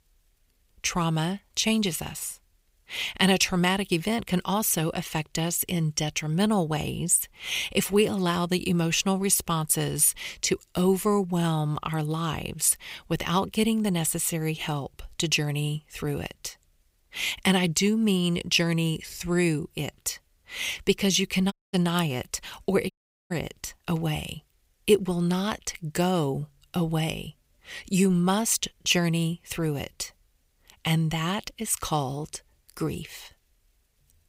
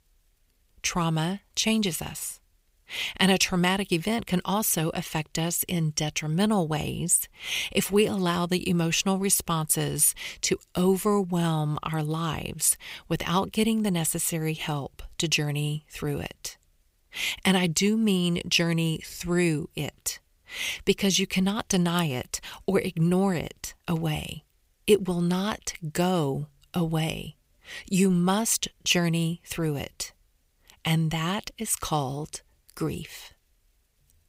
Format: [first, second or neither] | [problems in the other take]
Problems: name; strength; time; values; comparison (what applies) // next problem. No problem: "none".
second | audio cutting out; at 22 s and at 23 s